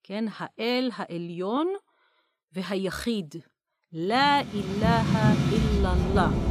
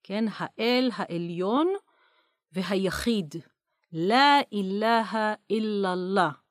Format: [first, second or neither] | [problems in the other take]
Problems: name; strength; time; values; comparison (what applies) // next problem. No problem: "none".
second | rain or running water; very loud; from 4.5 s on; 2 dB above the speech